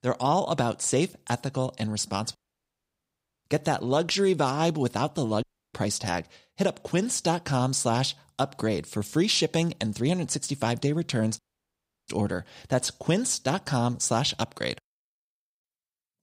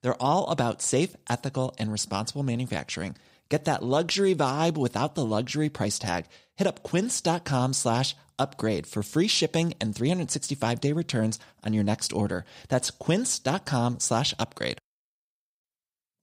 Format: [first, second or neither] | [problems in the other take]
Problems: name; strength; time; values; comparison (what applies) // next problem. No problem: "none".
second | audio cutting out; at 2.5 s for 1 s, at 5.5 s and at 11 s for 0.5 s